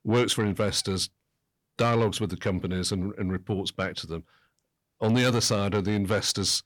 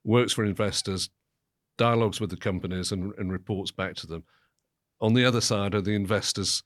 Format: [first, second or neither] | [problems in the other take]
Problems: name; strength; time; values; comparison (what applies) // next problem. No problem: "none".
second | distortion; slight; 10 dB below the speech